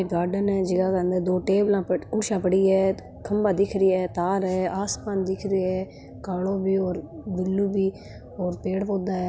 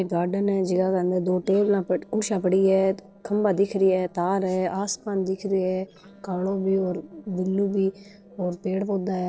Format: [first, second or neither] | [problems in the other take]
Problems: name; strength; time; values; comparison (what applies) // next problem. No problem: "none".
first | noise reduction (neural separator model SepFormer DNS4)